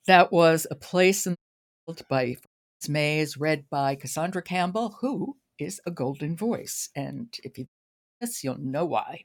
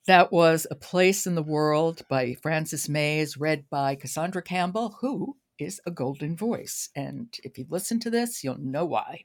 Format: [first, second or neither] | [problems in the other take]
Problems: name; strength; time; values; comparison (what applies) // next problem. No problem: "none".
second | audio cutting out; at 1.5 s for 0.5 s, at 2.5 s and at 7.5 s for 0.5 s